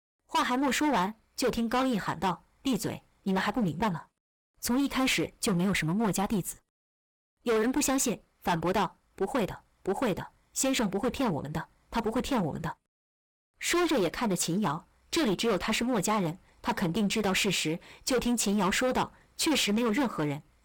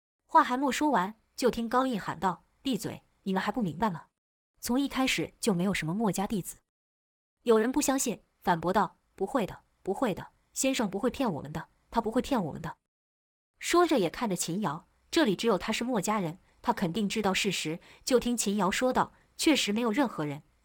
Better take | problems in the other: second | distortion; heavy; 12% of the sound clipped

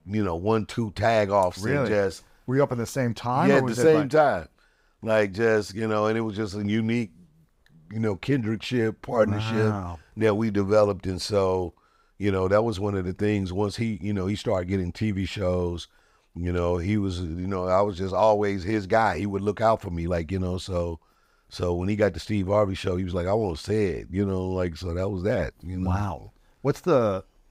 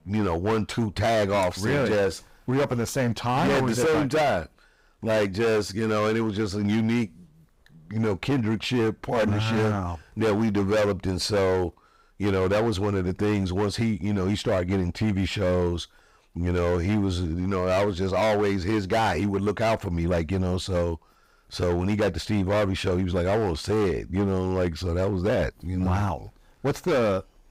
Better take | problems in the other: first | distortion; heavy; 16% of the sound clipped

